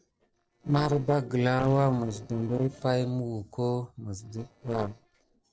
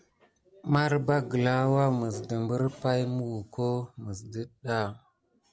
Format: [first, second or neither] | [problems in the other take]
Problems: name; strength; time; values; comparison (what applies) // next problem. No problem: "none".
second | noise reduction (neural separator model SepFormer DNS4)